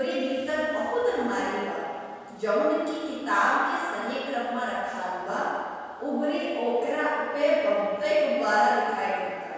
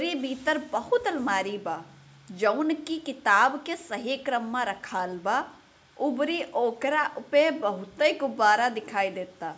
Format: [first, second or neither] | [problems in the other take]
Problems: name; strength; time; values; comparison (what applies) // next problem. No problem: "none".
second | room echo; dies away in 1.9 s